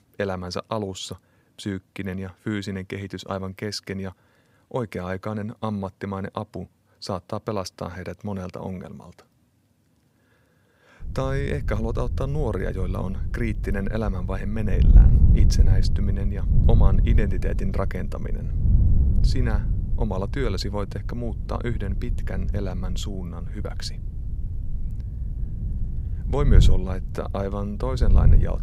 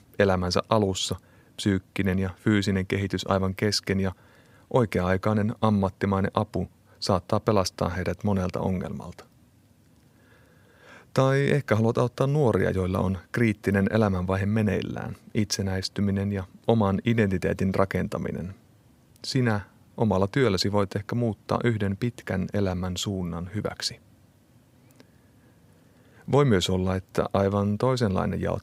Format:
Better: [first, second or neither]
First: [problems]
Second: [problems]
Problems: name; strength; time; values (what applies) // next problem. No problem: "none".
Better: second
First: wind noise on the microphone; heavy; from 11 s on; 8 dB below the speech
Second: none